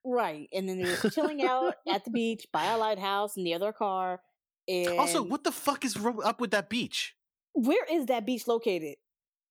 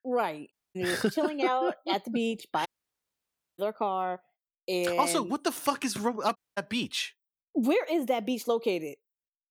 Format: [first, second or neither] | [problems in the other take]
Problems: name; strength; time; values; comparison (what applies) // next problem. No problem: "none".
first | audio cutting out; at 0.5 s, at 2.5 s for 1 s and at 6.5 s